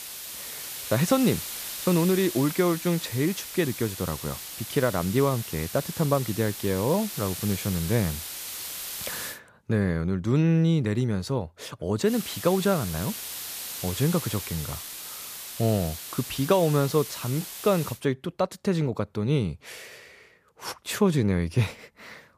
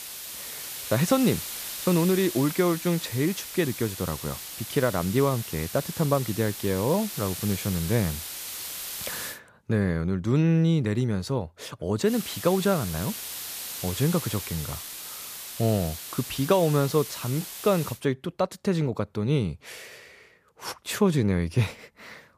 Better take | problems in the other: neither | hiss; loud; until 9.5 s and from 12 to 18 s; 8 dB below the speech; the same in both

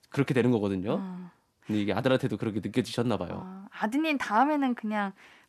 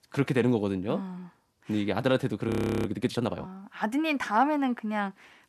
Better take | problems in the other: first | audio freezing; at 2.5 s

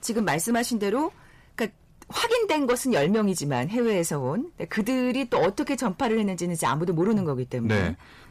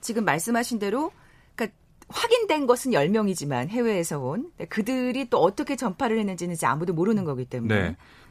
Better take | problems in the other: second | distortion; slight; 10 dB below the speech

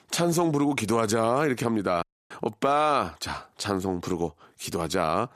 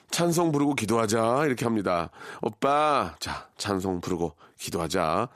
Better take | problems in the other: second | audio cutting out; at 2 s

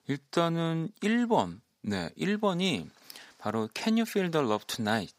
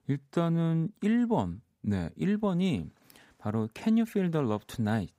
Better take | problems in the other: second | thin; very slightly; fading below 600 Hz

